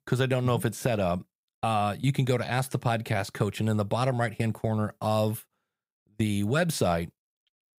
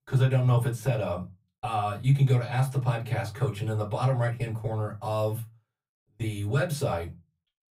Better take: first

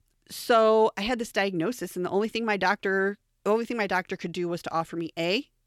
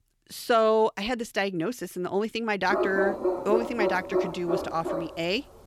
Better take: first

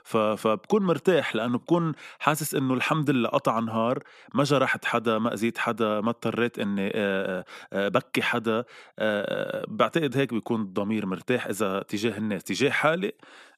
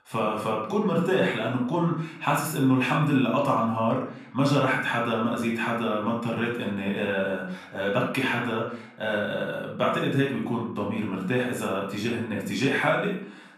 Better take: first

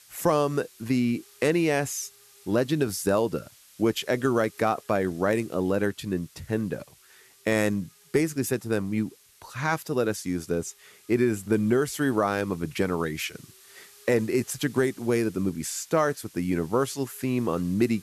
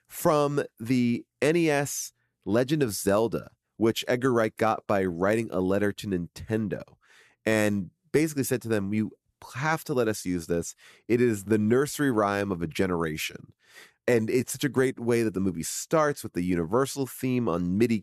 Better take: second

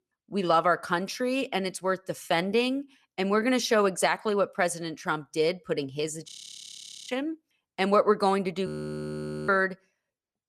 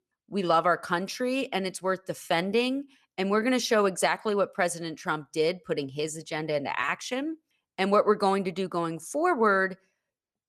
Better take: second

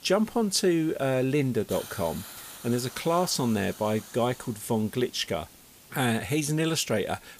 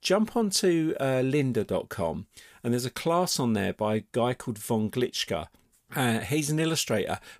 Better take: second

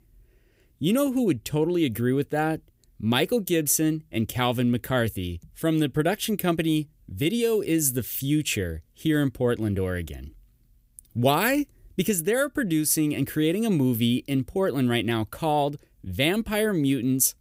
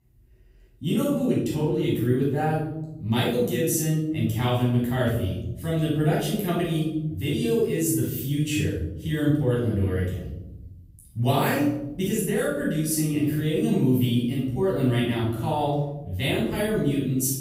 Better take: first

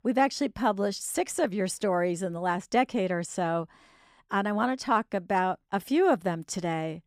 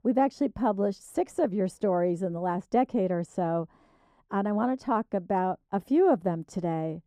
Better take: first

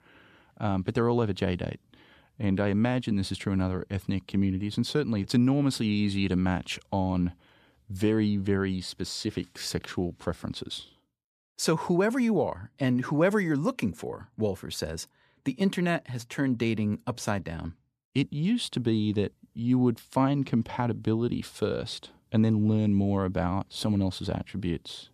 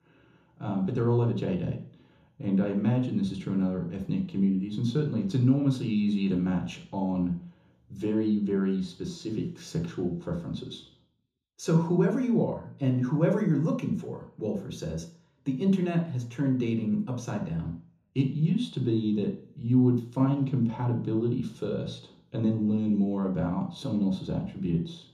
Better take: first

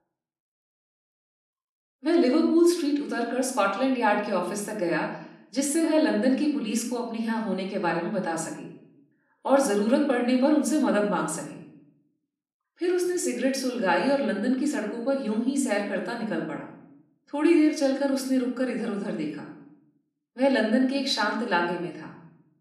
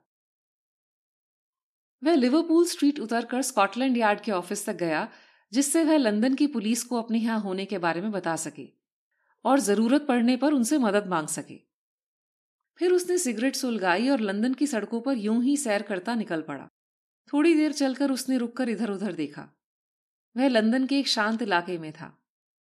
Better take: second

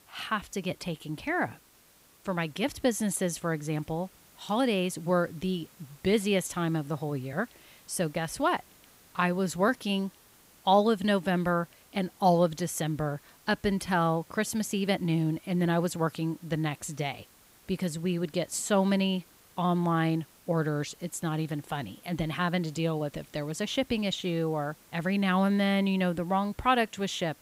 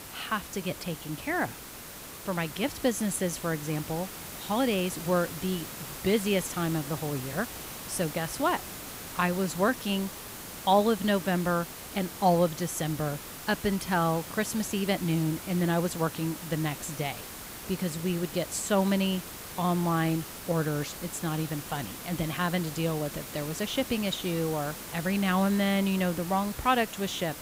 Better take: first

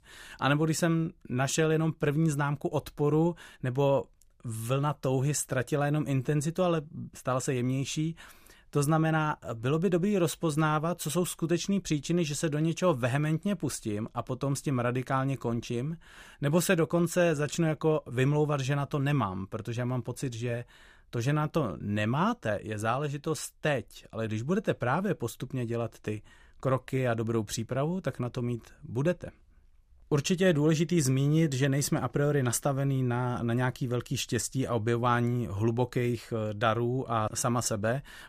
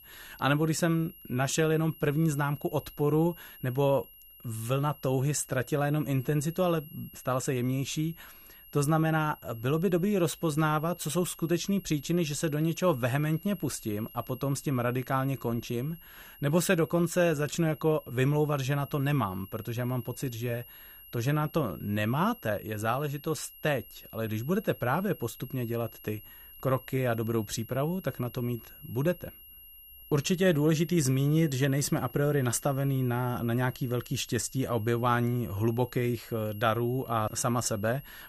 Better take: first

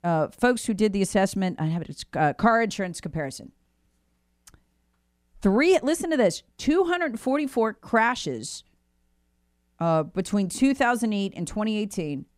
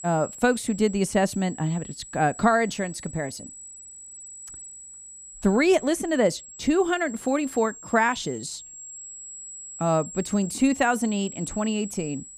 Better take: first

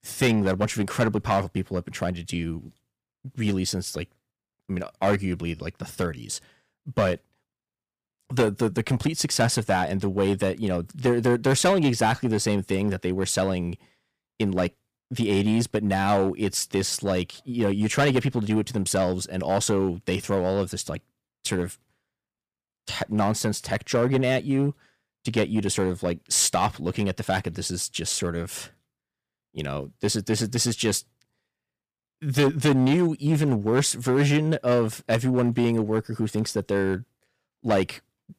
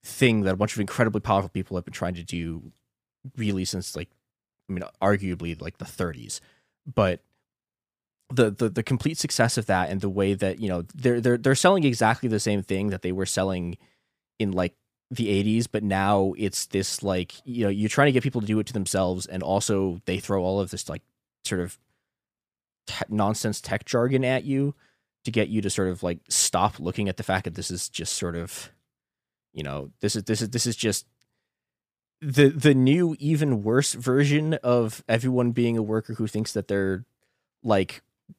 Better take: second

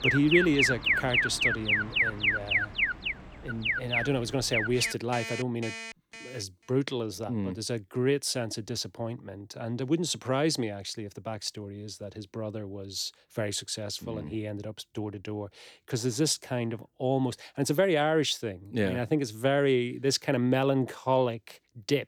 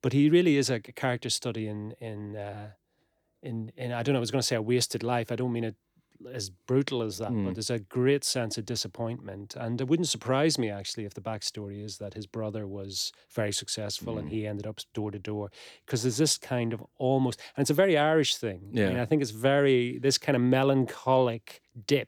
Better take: second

